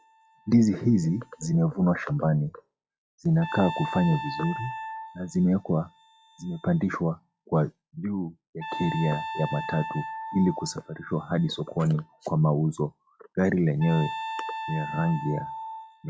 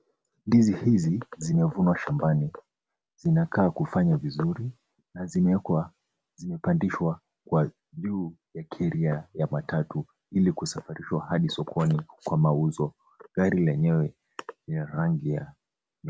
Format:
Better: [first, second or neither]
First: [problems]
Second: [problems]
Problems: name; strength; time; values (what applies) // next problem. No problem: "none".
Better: second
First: noise reduction (classical method log-MMSE)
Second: none